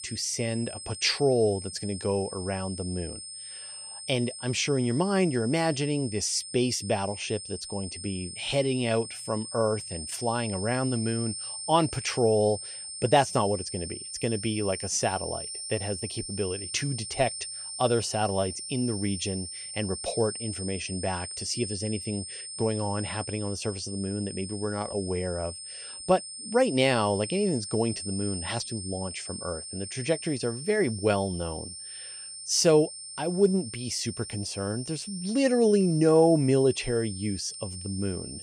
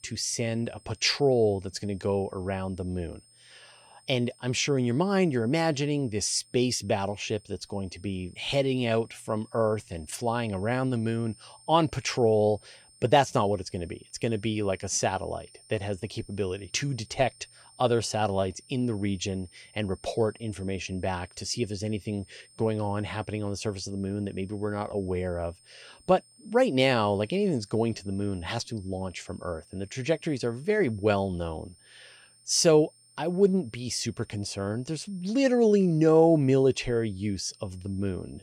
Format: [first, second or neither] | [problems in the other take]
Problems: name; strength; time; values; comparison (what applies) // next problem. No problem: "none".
second | high-pitched whine; loud; throughout; 8.5 kHz, 8 dB below the speech; faint in the second